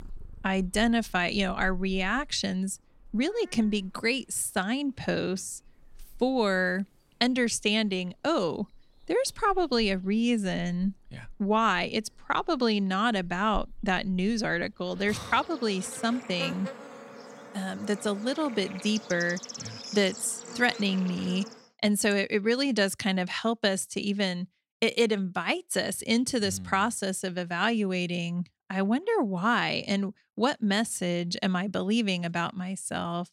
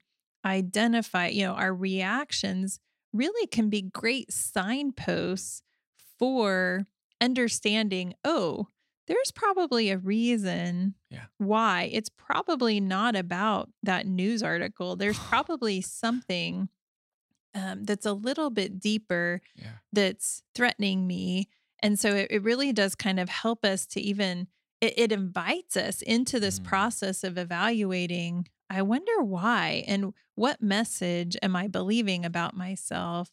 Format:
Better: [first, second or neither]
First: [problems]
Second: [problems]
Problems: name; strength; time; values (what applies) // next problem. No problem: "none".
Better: second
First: animal sounds; noticeable; until 22 s; 15 dB below the speech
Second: none